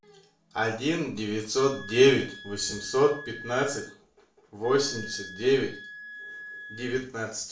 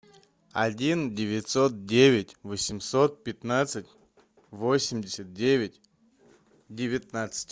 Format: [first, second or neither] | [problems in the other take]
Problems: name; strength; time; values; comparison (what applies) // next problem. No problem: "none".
second | background sound (Wind instrument, woodwind instrument); 15 dB below the speech // room echo; dies away in 0.4 s